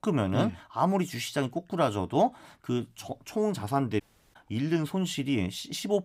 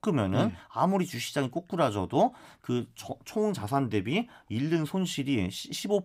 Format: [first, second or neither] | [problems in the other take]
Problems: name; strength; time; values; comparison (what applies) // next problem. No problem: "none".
second | audio cutting out; at 4 s